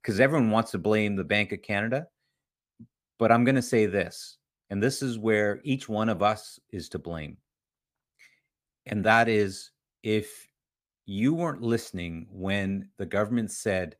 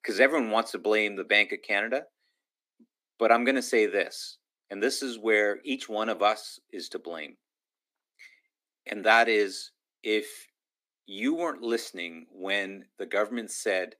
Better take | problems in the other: first | thin; somewhat; fading below 250 Hz

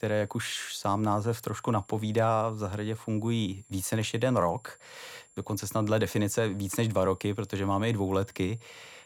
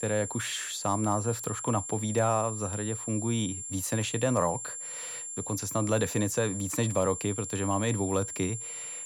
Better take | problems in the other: first | high-pitched whine; loud; throughout; 7.5 kHz, 6 dB below the speech; faint in the first

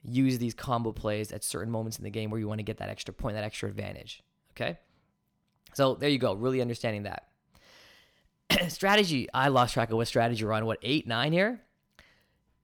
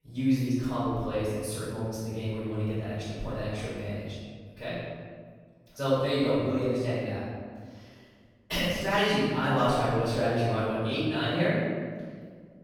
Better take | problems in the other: first | off-mic speech; far // room echo; strong; dies away in 1.7 s

